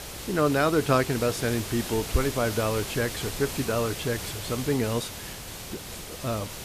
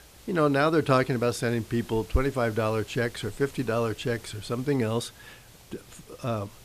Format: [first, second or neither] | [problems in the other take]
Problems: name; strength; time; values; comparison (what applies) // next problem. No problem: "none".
second | hiss; loud; throughout; 8 dB below the speech; faint in the second